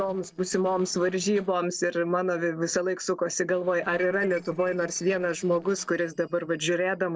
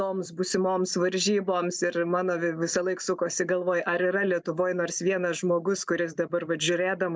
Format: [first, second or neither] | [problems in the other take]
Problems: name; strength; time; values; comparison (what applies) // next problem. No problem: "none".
second | noise reduction (neural separator model SepFormer DNS4)